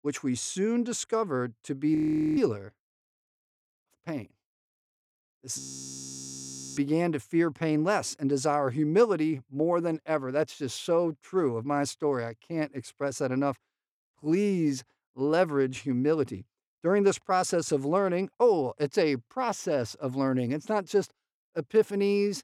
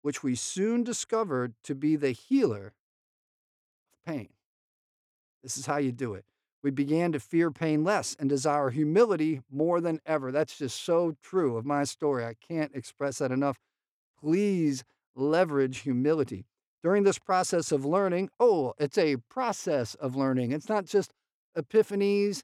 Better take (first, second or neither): second